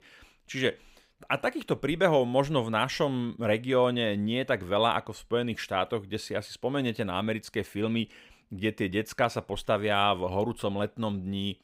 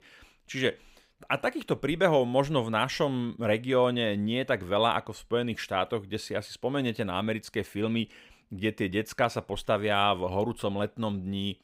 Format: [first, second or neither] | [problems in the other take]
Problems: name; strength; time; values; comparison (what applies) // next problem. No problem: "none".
neither | none